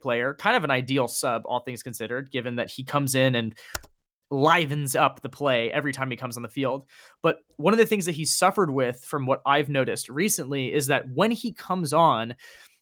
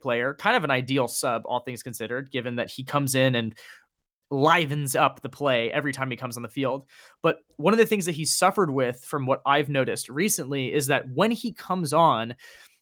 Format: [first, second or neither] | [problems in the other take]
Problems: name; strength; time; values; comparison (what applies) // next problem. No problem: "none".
second | keyboard typing; very faint; at 3.5 s; peak 15 dB below the speech